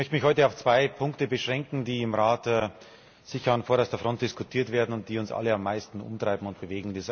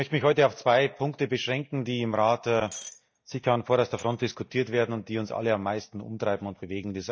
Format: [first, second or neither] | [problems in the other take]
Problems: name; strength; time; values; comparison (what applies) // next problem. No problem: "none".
first | noise reduction (neural mask model DeepFilterNet 3)